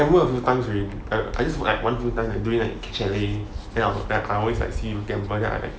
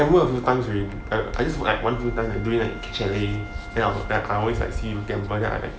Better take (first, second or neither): first